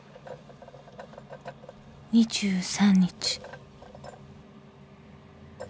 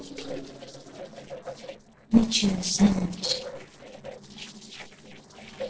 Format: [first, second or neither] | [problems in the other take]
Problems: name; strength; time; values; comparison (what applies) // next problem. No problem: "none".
first | noise reduction (neural separator model SepFormer DNS4)